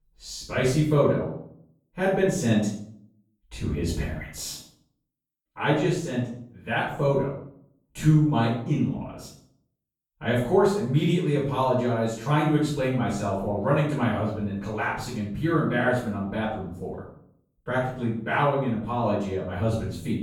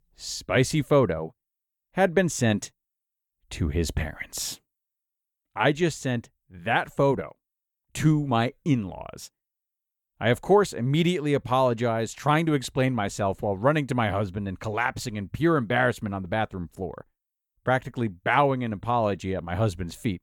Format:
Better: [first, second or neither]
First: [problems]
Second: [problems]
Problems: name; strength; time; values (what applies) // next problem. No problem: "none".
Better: second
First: off-mic speech; far // room echo; noticeable; dies away in 0.5 s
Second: none